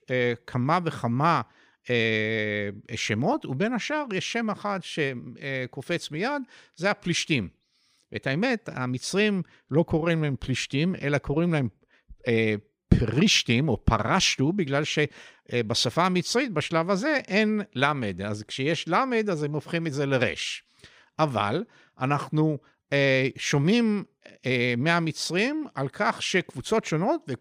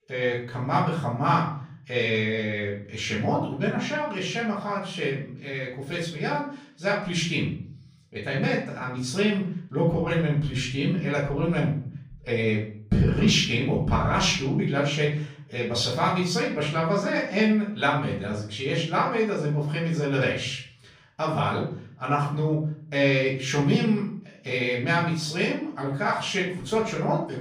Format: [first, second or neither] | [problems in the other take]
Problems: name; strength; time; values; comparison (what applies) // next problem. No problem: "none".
first | off-mic speech; far // room echo; slight; dies away in 0.5 s